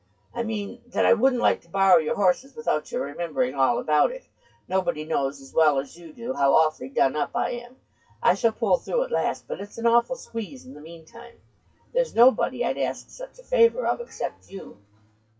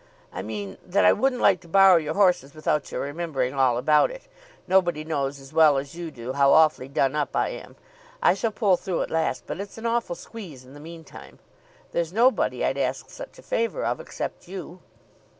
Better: second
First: noise reduction (classical method WPE with log-MMSE)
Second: none

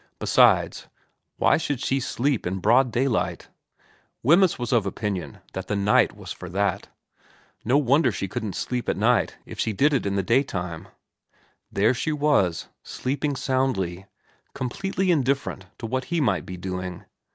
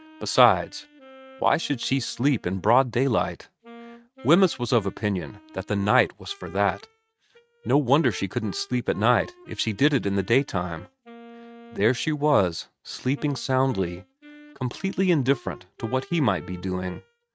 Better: first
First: none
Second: noise reduction (neural mask model RNNoise)

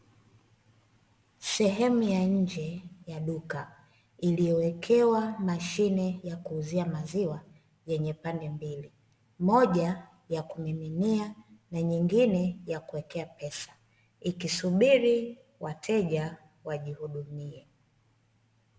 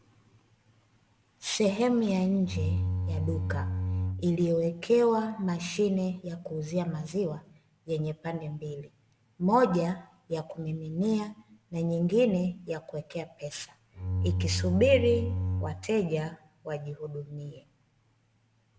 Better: first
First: none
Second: background sound (Bowed string instrument); 1 dB below the speech

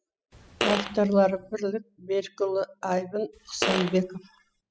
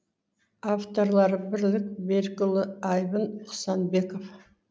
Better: second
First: noise reduction (classical method spectral subtraction)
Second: none

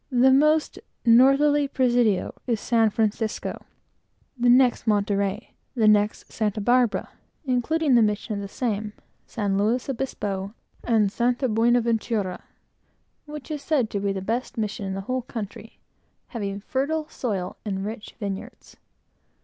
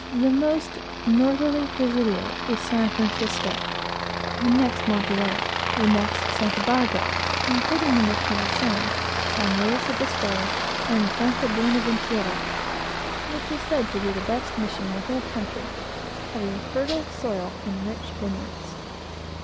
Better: first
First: none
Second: background sound (Aircraft); 2 dB below the speech

